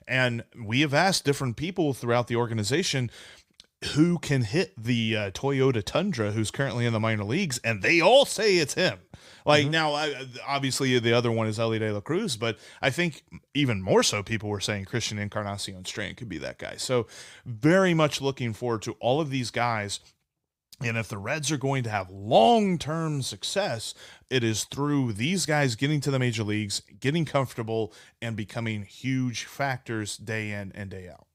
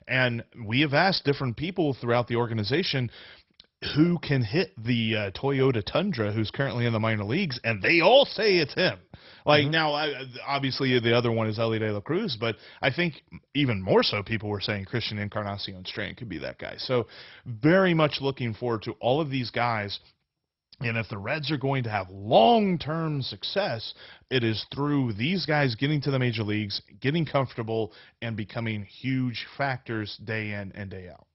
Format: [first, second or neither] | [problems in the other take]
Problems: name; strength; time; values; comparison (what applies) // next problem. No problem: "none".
first | garbled, watery; badly; nothing above 5.5 kHz